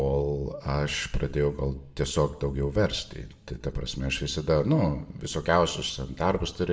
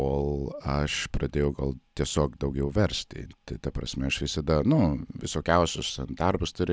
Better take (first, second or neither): second